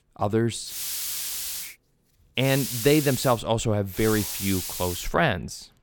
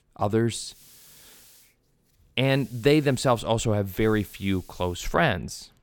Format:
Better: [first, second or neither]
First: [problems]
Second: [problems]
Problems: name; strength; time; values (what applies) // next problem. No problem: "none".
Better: second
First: hiss; loud; at 0.5 s, at 2.5 s and from 4 to 5 s; 5 dB below the speech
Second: hiss; faint; at 0.5 s, at 2.5 s and from 4 to 5 s; 25 dB below the speech